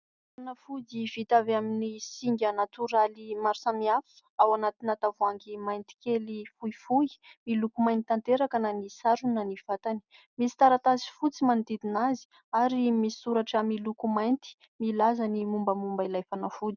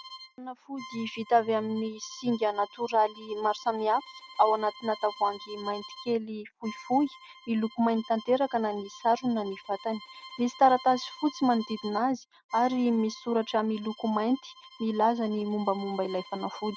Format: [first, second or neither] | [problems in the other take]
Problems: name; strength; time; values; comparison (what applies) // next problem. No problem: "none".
first | background sound (Bowed string instrument); 19 dB below the speech